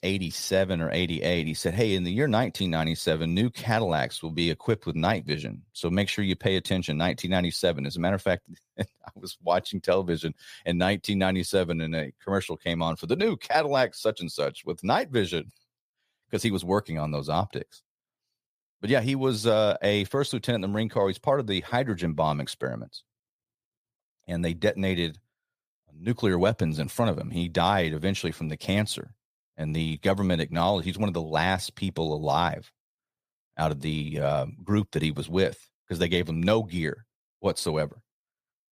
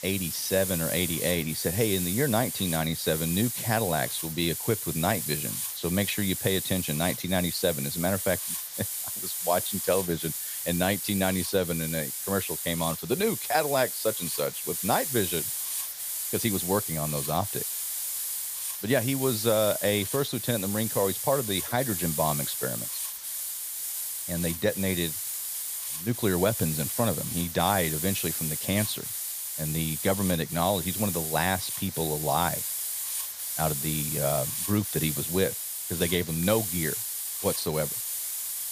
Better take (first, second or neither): first